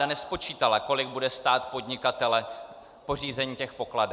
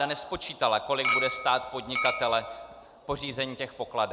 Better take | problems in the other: first | background sound (Chink, clink); 2 dB below the speech

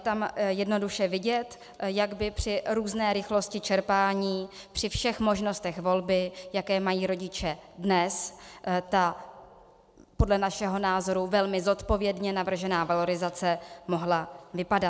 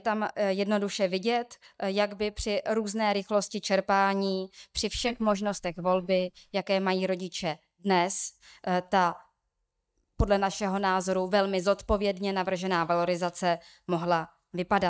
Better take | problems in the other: first | noise reduction (neural mask model DeepFilterNet 3)

